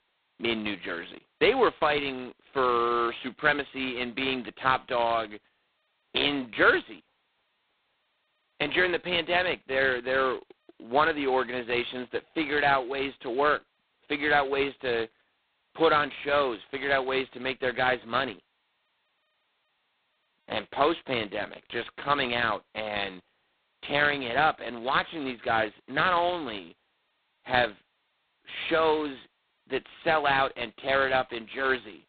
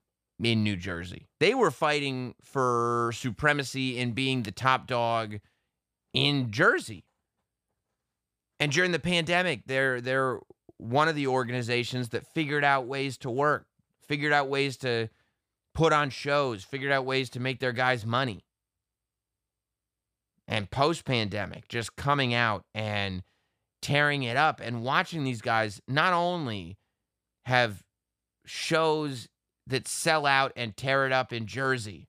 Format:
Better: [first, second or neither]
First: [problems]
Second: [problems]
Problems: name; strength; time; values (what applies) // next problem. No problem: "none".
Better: second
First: phone-call audio; poor line; nothing above 4 kHz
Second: none